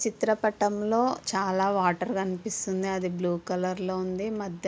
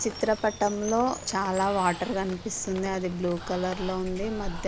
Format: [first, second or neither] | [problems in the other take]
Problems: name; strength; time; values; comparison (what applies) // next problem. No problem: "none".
first | background sound (Water + Drip); 11 dB below the speech